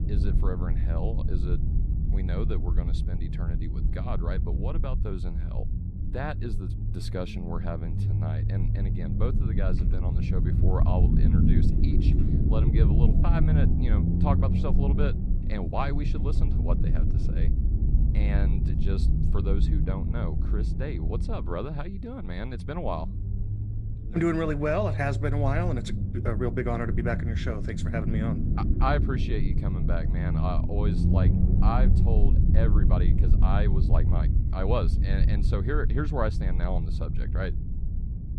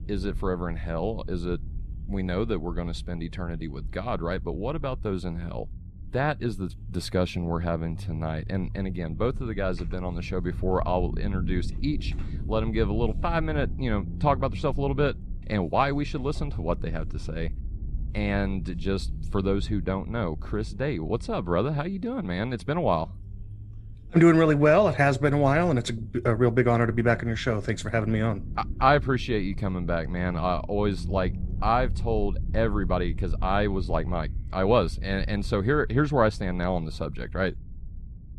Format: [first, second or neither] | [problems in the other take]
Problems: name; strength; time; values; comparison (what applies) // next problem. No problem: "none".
second | low rumble; loud; throughout; 5 dB below the speech; faint in the second